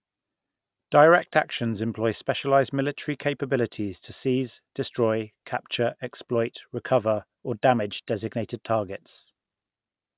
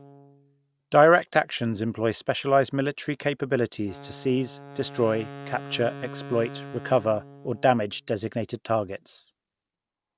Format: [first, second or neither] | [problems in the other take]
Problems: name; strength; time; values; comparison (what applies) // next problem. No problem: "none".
first | background sound (Wind instrument, woodwind instrument); 18 dB below the speech